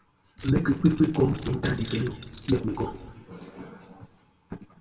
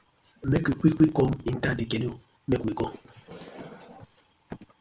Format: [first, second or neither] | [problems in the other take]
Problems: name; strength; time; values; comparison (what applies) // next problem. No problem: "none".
second | background sound (Keys jangling); 16 dB below the speech // room echo; dies away in 1.7 s